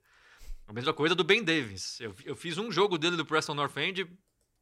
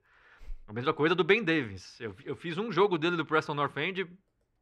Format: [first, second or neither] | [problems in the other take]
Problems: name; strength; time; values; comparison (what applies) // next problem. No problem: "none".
first | muffled; slightly; fading above 4 kHz